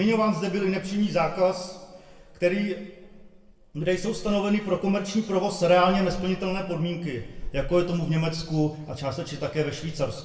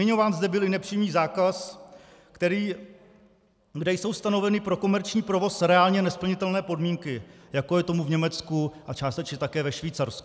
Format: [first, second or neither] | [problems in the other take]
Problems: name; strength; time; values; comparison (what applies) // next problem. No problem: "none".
second | background sound (Meow / Purr); 15 dB below the speech // room echo; dies away in 0.8 s